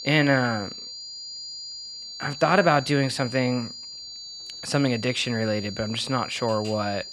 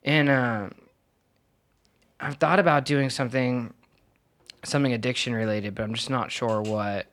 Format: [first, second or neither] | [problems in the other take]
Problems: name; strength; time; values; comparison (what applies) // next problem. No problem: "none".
second | high-pitched whine; noticeable; throughout; 5 kHz, 10 dB below the speech